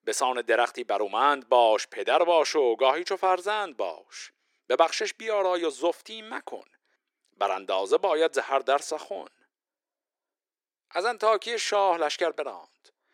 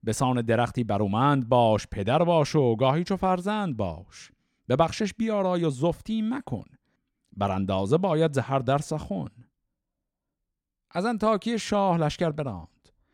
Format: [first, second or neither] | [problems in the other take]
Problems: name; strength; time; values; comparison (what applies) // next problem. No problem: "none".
second | thin; very; fading below 350 Hz